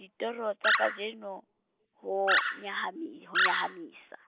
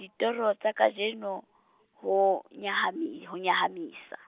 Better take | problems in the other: second | noise reduction (neural mask model Resemble Enhance denoiser)

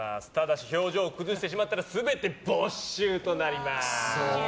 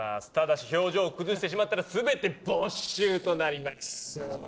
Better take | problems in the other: first | noise reduction (neural separator model SepFormer DNS4)

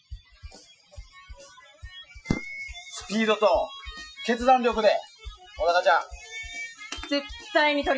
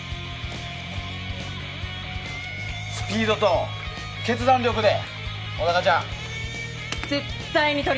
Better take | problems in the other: second | noise reduction (classical method Wiener filter)

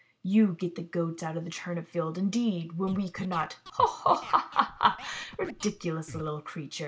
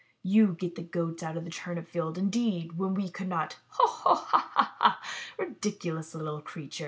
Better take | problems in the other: second | background sound (Scratching (performance technique)); 17 dB below the speech

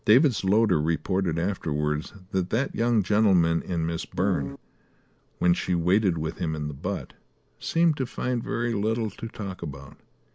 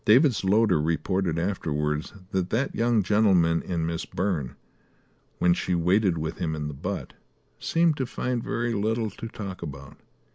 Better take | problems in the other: second | background sound (Piano); 6 dB below the speech

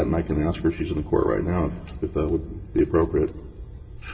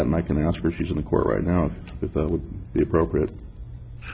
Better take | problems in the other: second | room echo; dies away in 1.4 s

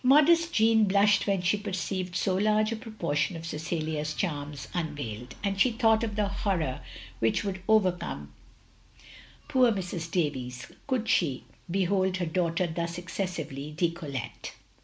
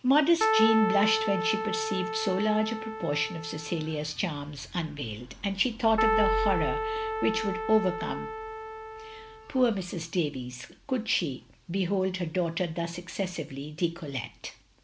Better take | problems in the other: first | background sound (Keyboard (musical)); 1 dB below the speech

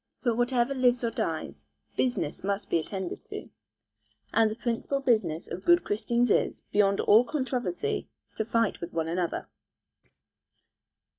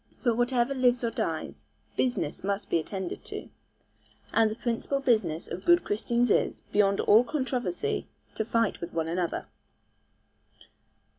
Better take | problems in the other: second | noise reduction (neural mask model DeepFilterNet 3)

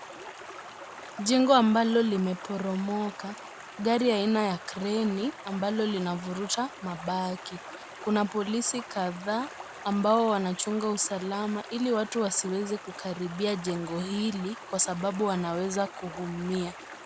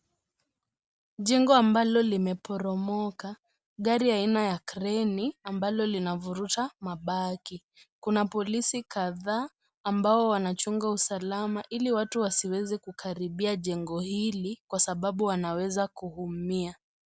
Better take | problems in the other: second | background sound (Stream); 14 dB below the speech

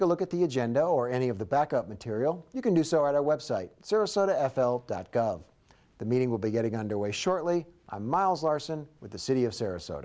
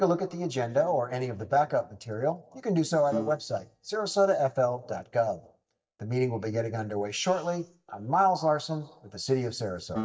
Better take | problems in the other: first | noise reduction (neural mask model DeepFilterNet 3)

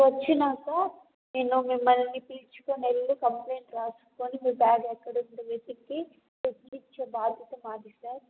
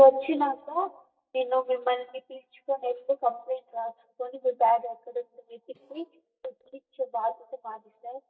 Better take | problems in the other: first | noise reduction (neural mask model DeepFilterNet 3)

